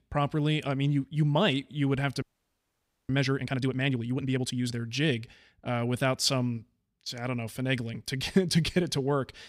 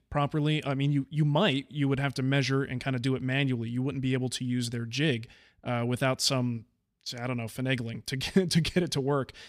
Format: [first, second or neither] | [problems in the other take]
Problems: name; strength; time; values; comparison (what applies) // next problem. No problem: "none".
second | audio freezing; at 2 s for 1 s